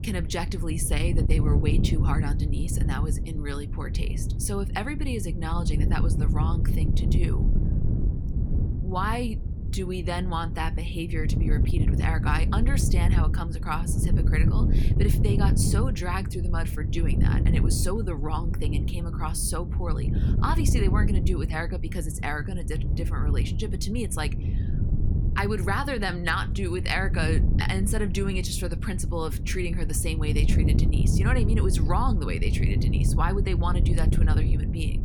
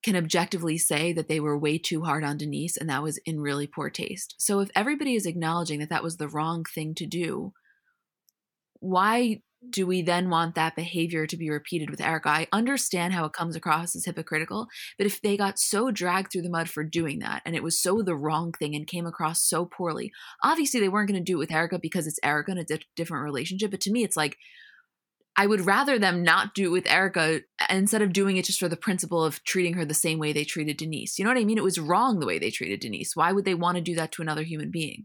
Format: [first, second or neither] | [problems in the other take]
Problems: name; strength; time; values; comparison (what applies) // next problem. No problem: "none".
second | wind noise on the microphone; heavy; 7 dB below the speech